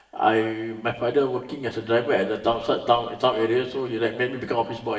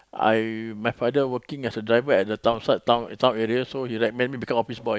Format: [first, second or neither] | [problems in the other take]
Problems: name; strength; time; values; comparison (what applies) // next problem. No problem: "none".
second | room echo; dies away in 1.1 s